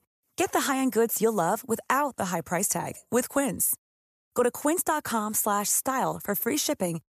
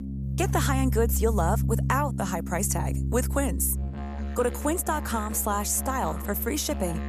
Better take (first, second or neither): first